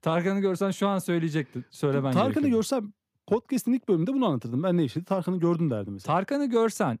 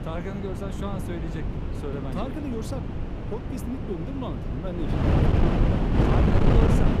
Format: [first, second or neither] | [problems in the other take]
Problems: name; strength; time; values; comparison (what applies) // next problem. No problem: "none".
first | wind noise on the microphone; heavy; 4 dB above the speech